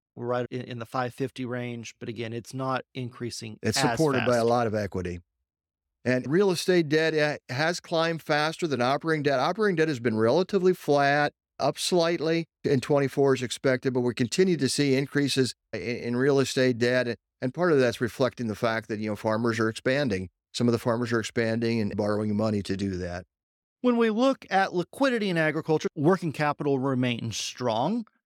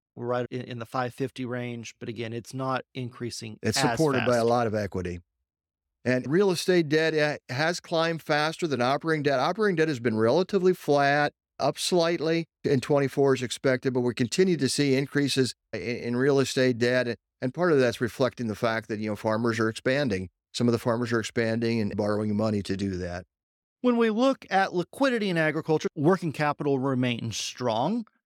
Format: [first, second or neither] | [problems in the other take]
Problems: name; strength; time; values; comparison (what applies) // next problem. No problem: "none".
neither | none